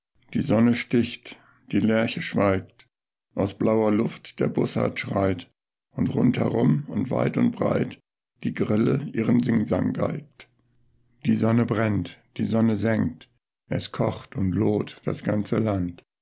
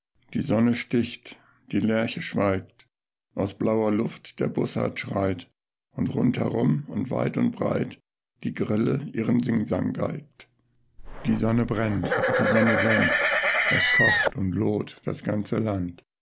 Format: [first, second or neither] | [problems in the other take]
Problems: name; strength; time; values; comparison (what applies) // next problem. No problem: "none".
first | background sound (Livestock, farm animals, working animals); 3 dB above the speech